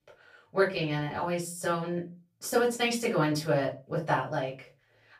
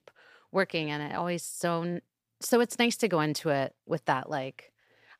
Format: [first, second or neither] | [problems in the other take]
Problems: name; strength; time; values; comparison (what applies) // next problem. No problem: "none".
second | off-mic speech; far // room echo; very slight; dies away in 0.3 s